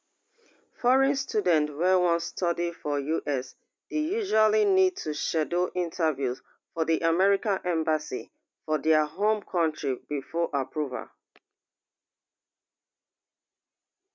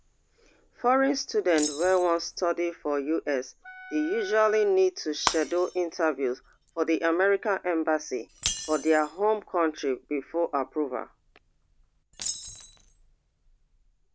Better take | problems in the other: first | background sound (Shatter + Wind instrument, woodwind instrument); 13 dB below the speech

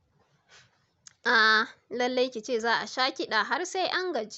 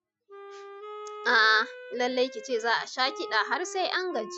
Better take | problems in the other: first | noise reduction (classical method Wiener filter)

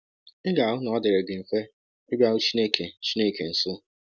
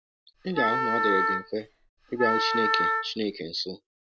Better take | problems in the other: first | background sound (Wind instrument, woodwind instrument); 4 dB above the speech

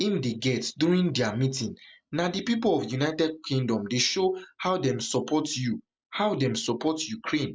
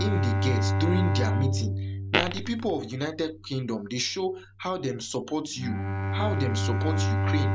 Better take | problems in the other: first | background sound (Bowed string instrument + Fart); 3 dB above the speech

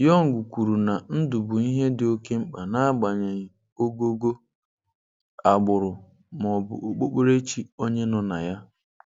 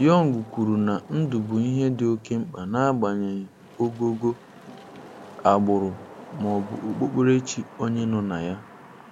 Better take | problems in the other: first | background sound (Wind / Rain); 20 dB below the speech

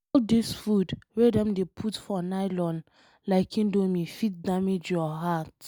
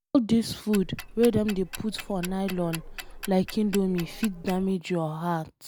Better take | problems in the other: first | background sound (Tick-tock); 13 dB below the speech

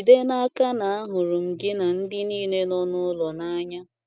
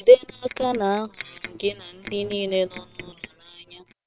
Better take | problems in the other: first | noise reduction (neural separator model SepFormer WHAM!)

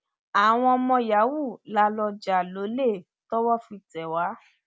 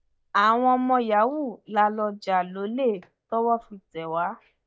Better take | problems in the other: first | noise reduction (neural mask model DeepFilterNet 3)

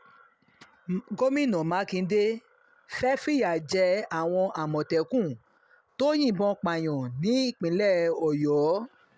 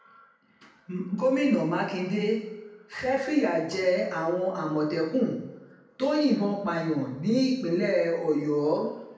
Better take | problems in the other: first | room echo; dies away in 0.9 s

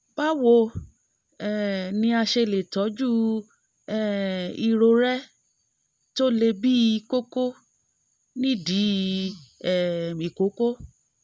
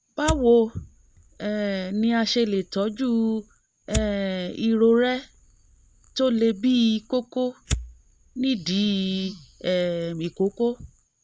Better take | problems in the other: first | background sound (Fire); 14 dB below the speech

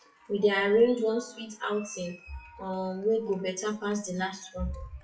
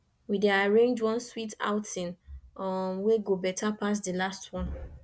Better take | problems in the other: second | noise reduction (classical method WPE with log-MMSE)

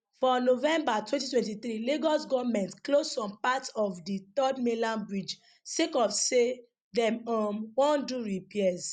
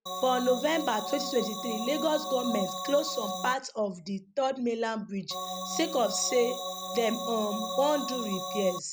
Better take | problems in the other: first | background sound (Organ); 5 dB below the speech

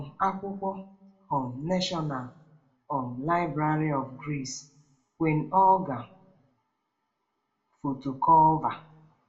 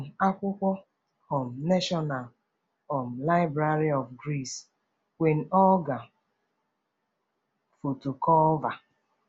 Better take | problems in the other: second | room echo; dies away in 0.3 s

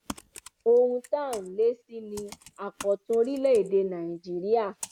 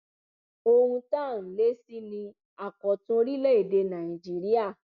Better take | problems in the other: second | background sound (Computer keyboard); 20 dB below the speech

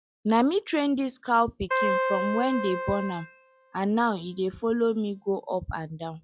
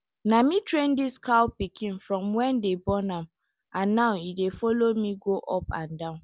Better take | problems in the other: second | noise reduction (classical method log-MMSE)

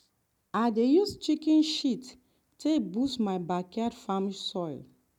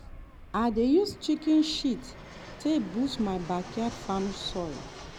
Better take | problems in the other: first | background sound (Fixed-wing aircraft, airplane); 14 dB below the speech

